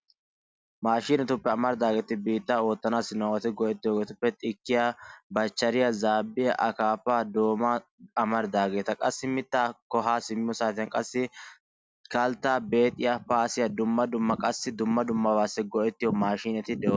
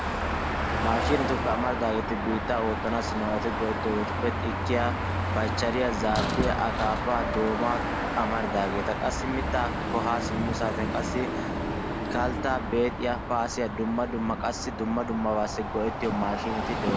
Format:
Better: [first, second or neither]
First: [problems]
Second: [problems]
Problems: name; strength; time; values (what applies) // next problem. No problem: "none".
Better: first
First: none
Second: background sound (Car passing by / Traffic noise, roadway noise / Engine); as loud as the speech